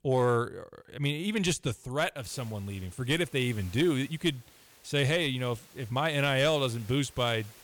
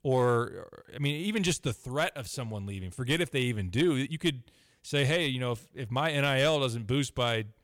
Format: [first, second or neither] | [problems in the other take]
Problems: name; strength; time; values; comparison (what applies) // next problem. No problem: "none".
second | hiss; faint; from 2.5 s on; 25 dB below the speech